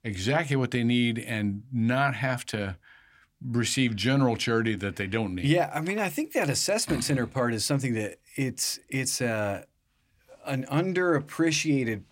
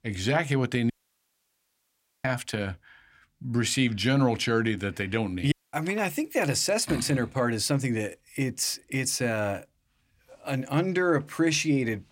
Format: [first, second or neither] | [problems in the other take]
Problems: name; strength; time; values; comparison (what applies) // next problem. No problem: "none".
first | audio cutting out; at 1 s for 1.5 s and at 5.5 s